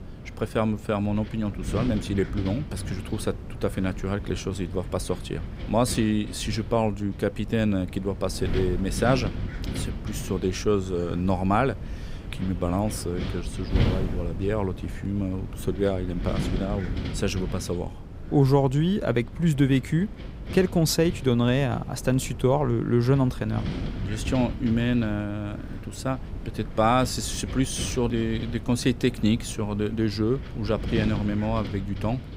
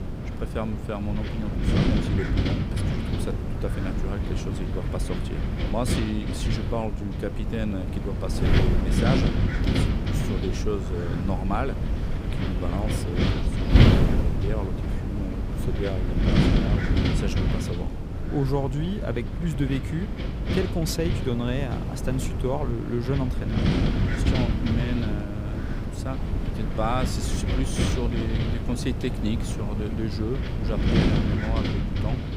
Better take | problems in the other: first | wind noise on the microphone; heavy; 1 dB above the speech; occasional gusts in the first

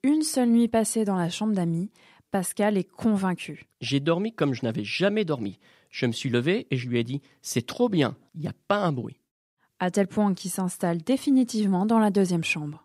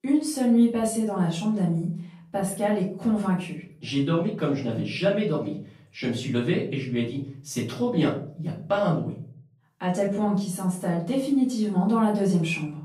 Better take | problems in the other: first | off-mic speech; far // room echo; noticeable; dies away in 0.5 s

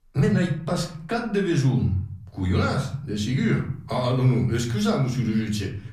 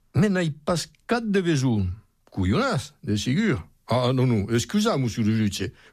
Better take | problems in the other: second | room echo; slight; dies away in 0.6 s // off-mic speech; somewhat distant

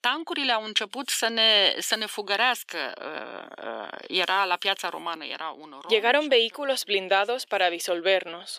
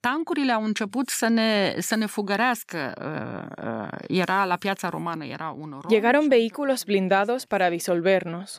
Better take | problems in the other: second | thin; somewhat; fading below 400 Hz

